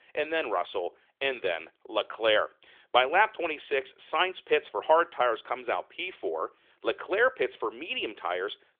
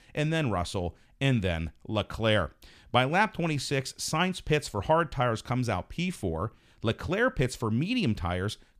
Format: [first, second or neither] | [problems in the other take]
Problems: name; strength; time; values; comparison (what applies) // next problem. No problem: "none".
second | phone-call audio; nothing above 3.5 kHz